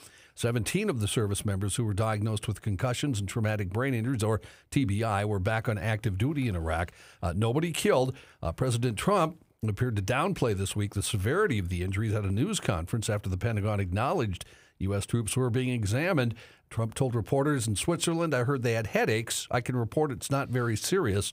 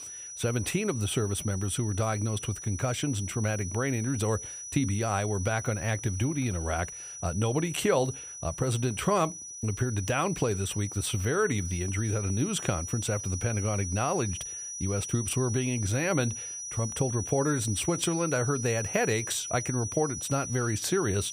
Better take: first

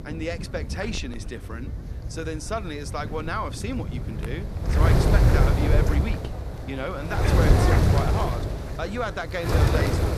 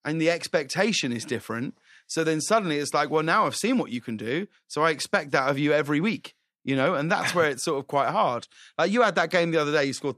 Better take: second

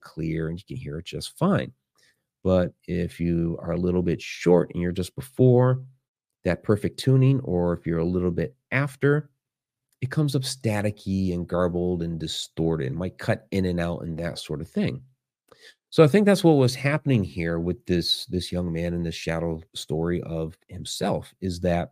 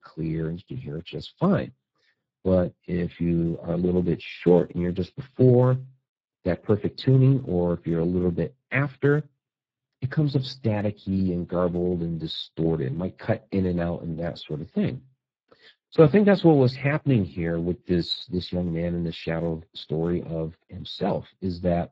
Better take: first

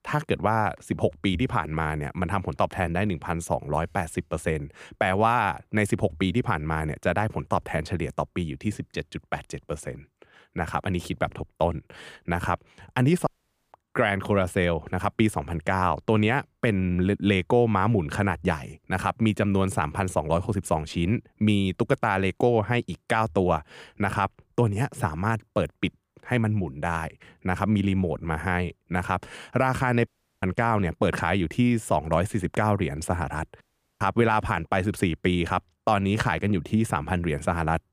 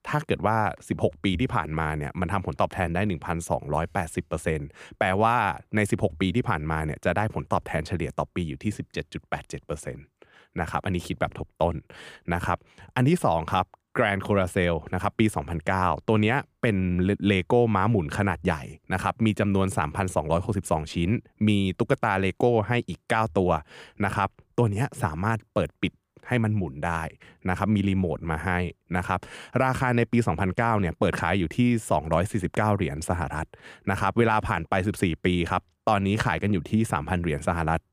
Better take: second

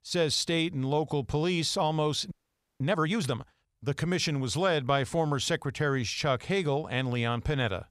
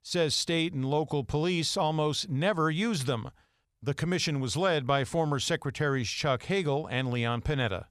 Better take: second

